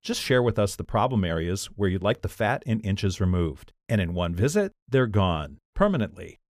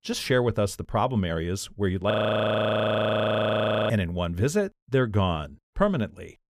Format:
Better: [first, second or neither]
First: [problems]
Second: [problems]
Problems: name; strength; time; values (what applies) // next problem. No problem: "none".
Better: first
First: none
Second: audio freezing; at 2 s for 2 s